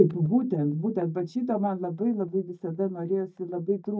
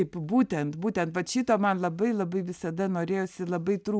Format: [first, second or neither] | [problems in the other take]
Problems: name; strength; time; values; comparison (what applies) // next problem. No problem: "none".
second | noise reduction (neural mask model DeepFilterNet 3)